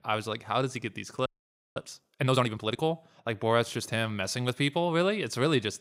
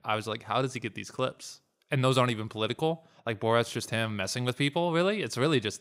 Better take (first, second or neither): second